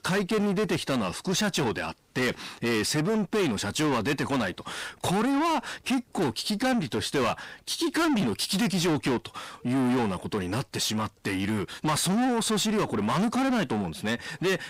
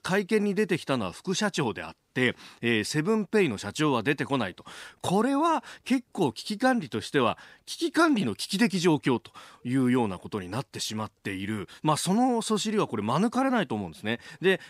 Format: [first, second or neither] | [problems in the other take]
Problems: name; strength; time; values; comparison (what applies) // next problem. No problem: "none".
second | distortion; heavy; 6 dB below the speech